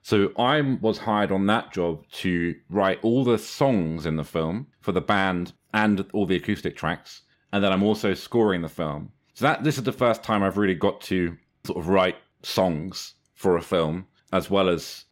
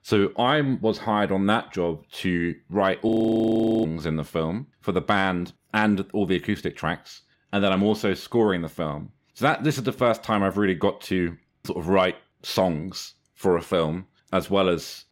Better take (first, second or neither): first